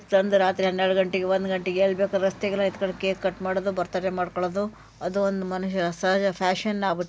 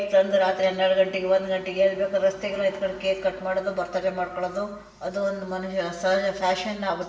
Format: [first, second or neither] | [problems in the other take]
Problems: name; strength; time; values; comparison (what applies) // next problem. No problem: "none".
first | room echo; dies away in 0.8 s